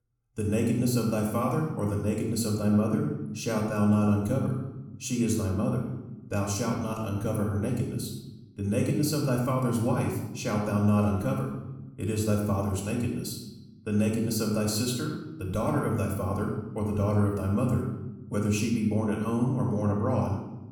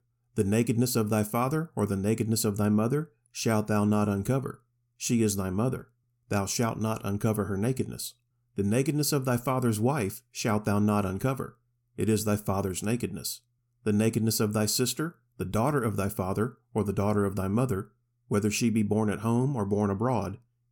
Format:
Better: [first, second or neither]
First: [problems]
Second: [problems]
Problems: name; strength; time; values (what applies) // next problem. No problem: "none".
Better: second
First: off-mic speech; far // room echo; noticeable; dies away in 0.9 s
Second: none